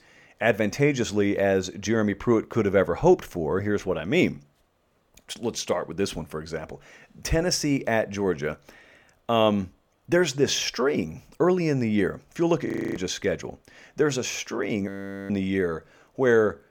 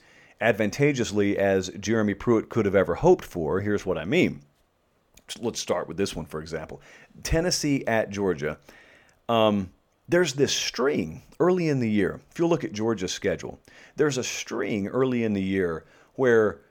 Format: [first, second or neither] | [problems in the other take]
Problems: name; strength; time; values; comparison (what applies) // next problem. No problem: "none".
second | audio freezing; at 13 s and at 15 s